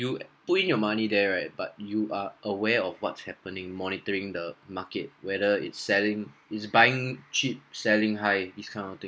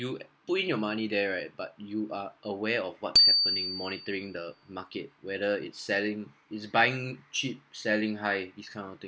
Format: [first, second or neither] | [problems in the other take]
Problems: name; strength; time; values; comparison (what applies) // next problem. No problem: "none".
first | background sound (Bicycle bell); 3 dB above the speech